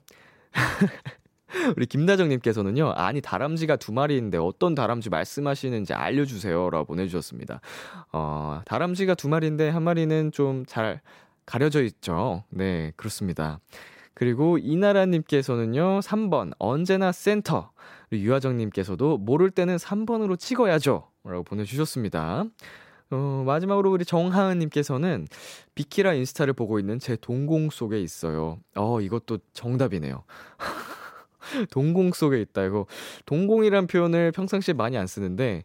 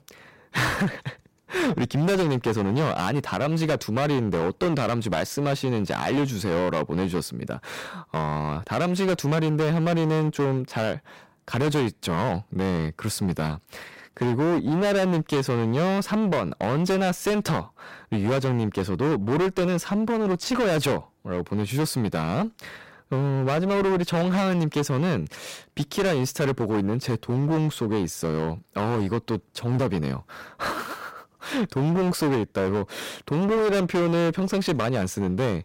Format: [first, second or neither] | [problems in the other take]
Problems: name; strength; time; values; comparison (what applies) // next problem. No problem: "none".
first | distortion; heavy; 24% of the sound clipped